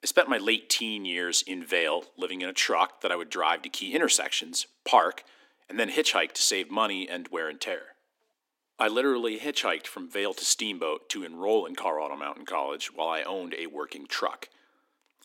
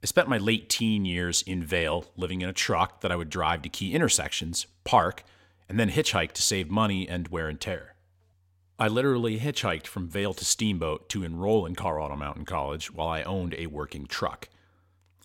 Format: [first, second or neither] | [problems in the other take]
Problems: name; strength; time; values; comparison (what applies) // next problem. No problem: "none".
second | thin; somewhat; fading below 300 Hz